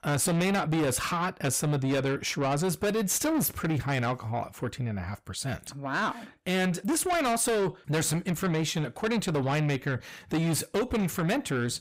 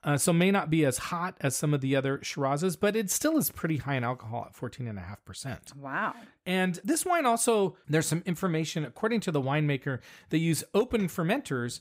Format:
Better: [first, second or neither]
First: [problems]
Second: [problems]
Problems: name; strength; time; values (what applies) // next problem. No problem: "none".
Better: second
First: distortion; heavy; 7 dB below the speech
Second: none